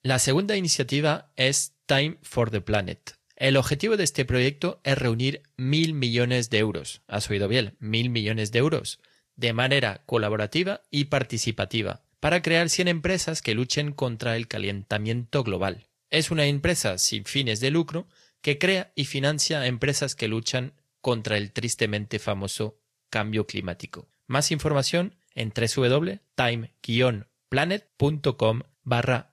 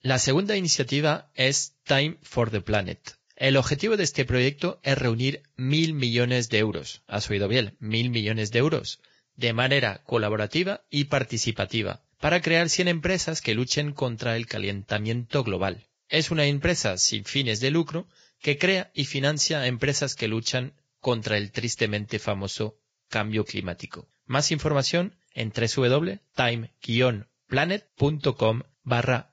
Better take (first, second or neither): first